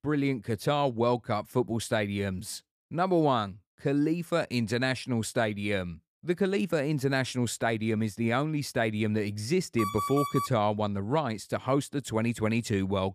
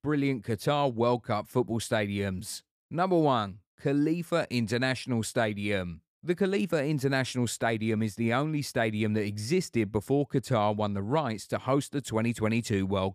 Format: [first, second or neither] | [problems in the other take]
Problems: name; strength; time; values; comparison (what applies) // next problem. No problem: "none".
second | alarm; noticeable; at 10 s; peak 3 dB below the speech